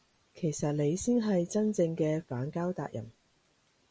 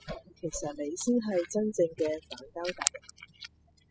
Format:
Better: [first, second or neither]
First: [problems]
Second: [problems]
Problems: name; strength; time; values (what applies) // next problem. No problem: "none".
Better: first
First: none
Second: noise reduction (classical method spectral subtraction)